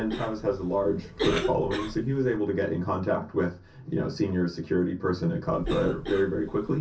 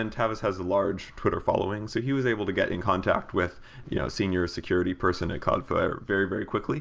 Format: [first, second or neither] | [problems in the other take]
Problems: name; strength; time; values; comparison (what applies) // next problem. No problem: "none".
second | background sound (Cough); 10 dB below the speech // room echo; dies away in 0.3 s